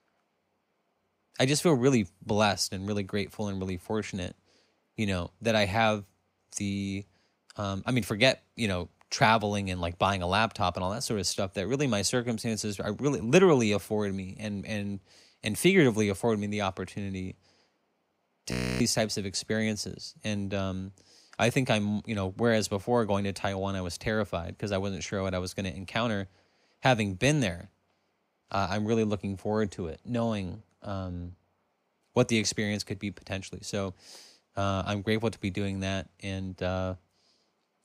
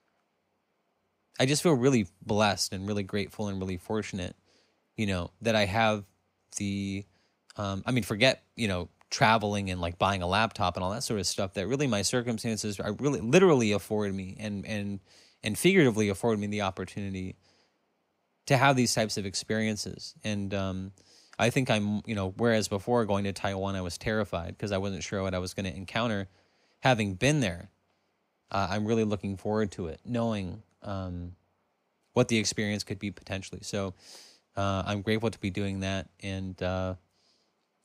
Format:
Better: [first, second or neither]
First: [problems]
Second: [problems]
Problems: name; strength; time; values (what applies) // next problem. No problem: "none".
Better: second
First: audio freezing; at 19 s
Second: none